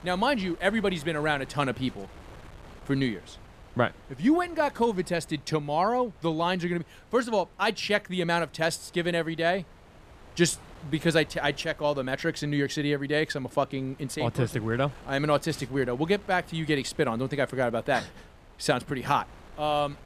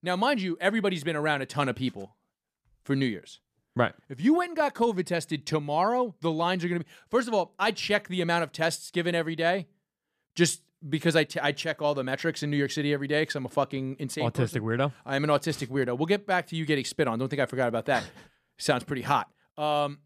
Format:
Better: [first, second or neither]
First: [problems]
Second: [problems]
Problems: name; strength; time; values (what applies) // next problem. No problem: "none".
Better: second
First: wind noise on the microphone; occasional gusts; 25 dB below the speech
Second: none